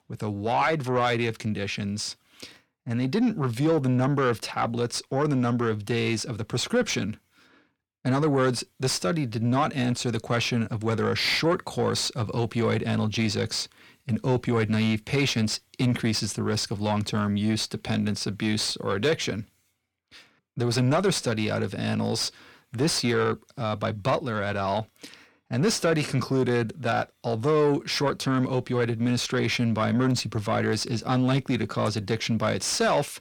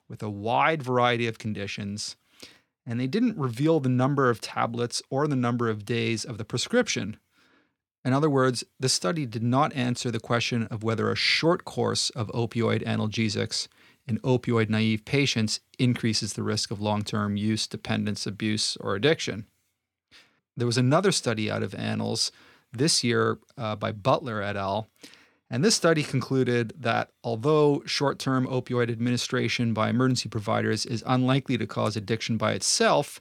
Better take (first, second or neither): second